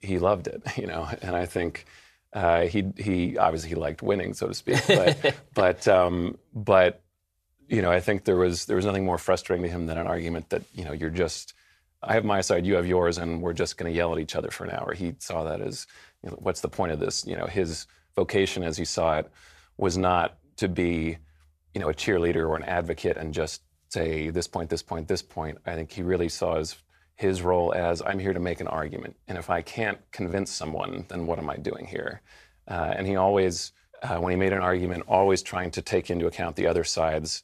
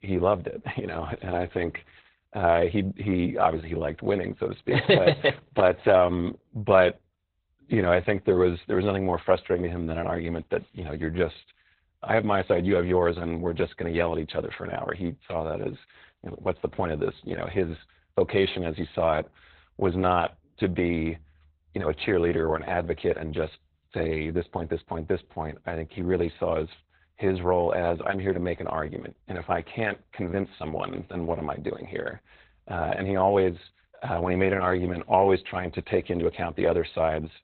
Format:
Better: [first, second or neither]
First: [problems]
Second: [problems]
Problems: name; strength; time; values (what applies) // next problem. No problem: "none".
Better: first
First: none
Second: garbled, watery; badly; nothing above 4 kHz